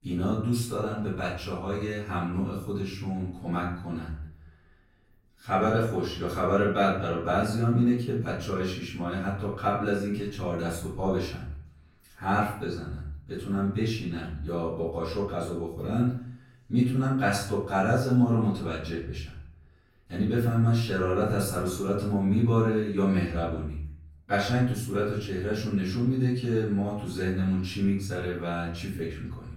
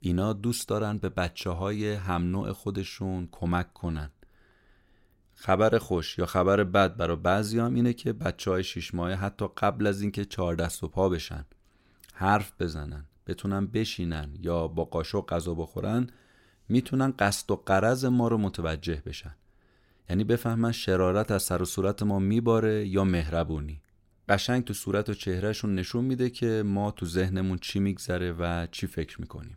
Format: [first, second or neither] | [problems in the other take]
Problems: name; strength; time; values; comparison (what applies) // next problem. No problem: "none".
second | off-mic speech; far // room echo; noticeable; dies away in 0.5 s